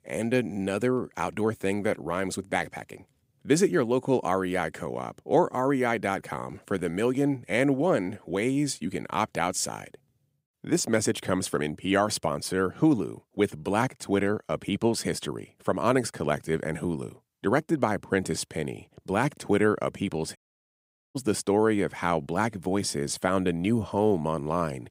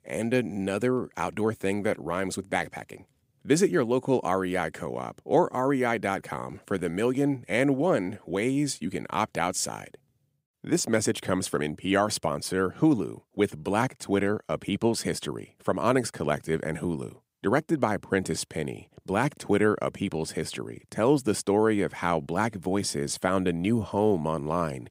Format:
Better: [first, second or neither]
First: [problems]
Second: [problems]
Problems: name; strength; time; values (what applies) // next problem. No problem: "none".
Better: second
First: audio cutting out; at 20 s for 1 s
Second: none